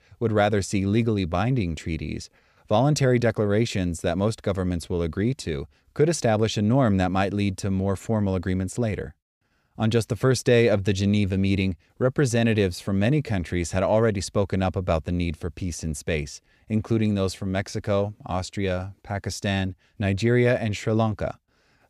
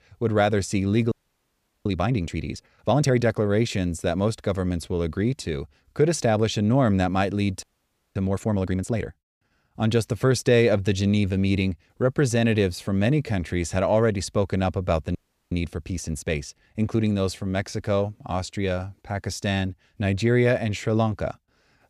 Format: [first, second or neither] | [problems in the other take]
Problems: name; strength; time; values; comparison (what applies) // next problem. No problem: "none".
first | audio freezing; at 1 s for 0.5 s, at 7.5 s for 0.5 s and at 15 s